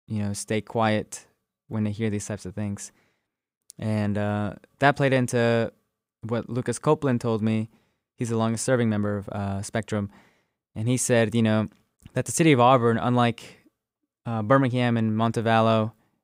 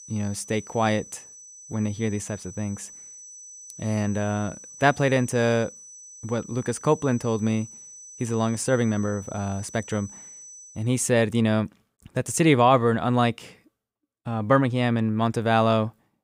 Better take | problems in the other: first | high-pitched whine; noticeable; until 11 s; 6 kHz, 15 dB below the speech

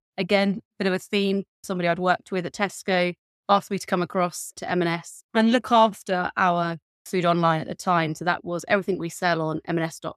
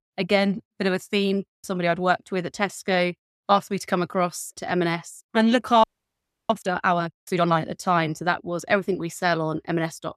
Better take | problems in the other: first | audio freezing; at 6 s for 0.5 s

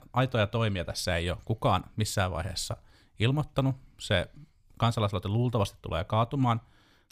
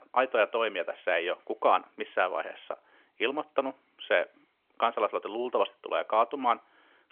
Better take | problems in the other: first | phone-call audio; nothing above 3.5 kHz

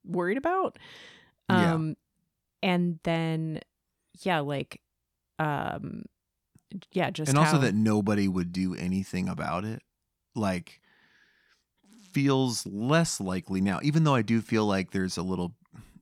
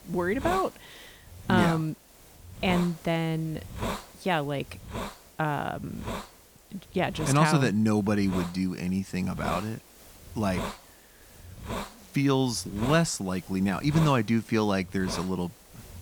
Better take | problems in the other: first | hiss; noticeable; throughout; 10 dB below the speech

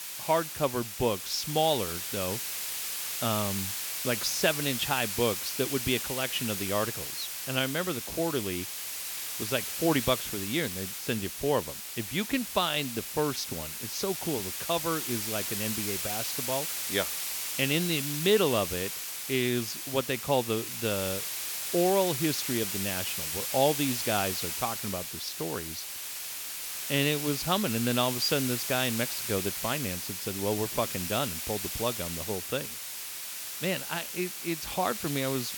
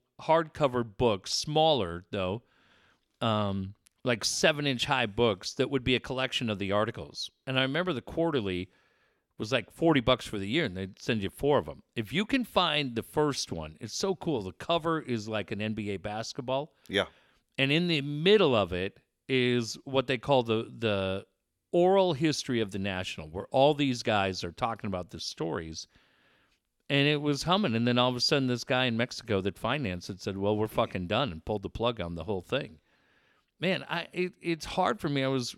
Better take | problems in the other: second | hiss; loud; throughout; 2 dB below the speech

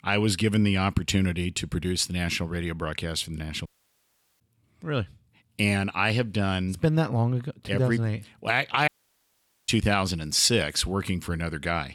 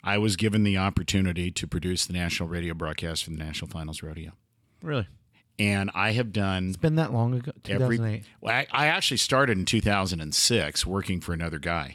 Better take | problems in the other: second | audio cutting out; at 3.5 s for 0.5 s and at 9 s for 1 s

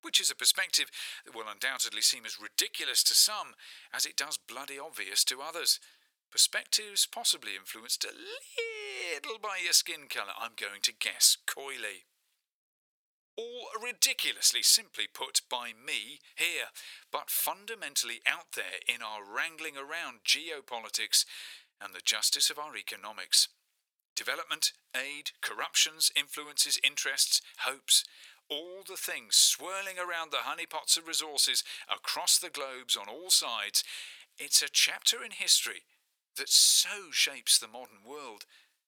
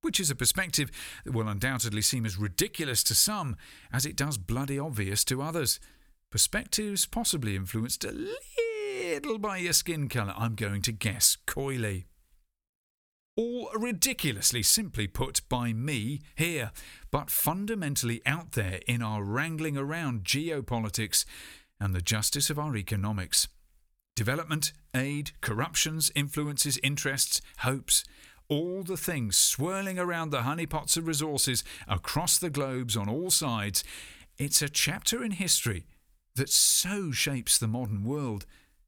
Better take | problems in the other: second | thin; very; fading below 500 Hz

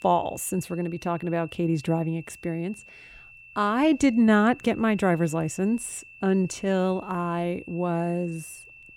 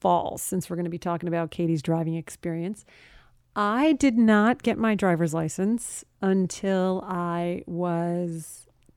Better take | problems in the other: second | high-pitched whine; faint; throughout; 2.5 kHz, 20 dB below the speech

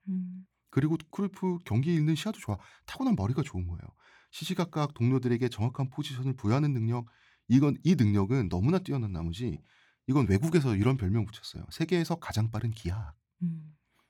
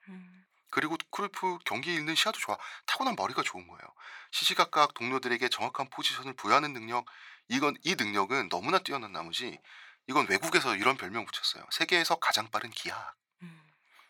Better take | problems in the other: first | thin; very; fading below 750 Hz

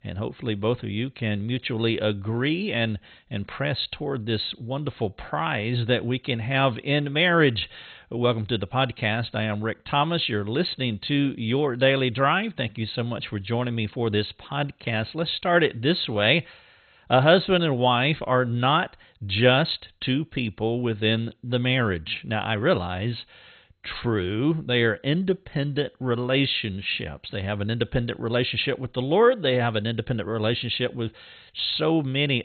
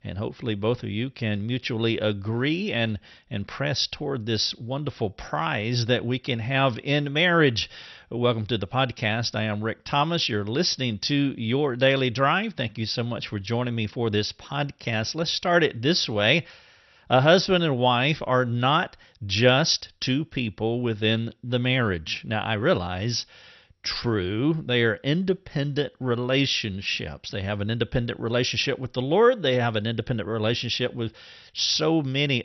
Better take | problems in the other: second | garbled, watery; badly; nothing above 4 kHz; slightly in the second

